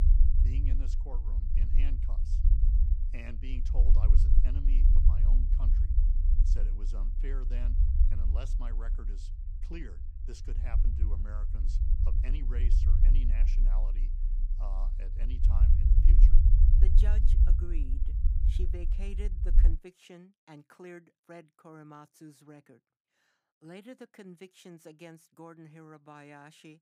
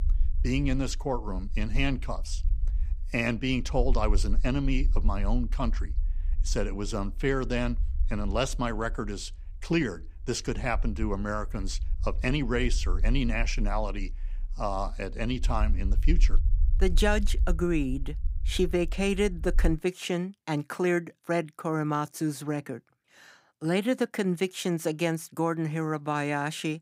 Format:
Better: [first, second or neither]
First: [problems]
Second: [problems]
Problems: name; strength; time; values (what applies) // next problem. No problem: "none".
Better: second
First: low rumble; loud; until 20 s; as loud as the speech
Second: low rumble; faint; until 20 s; 25 dB below the speech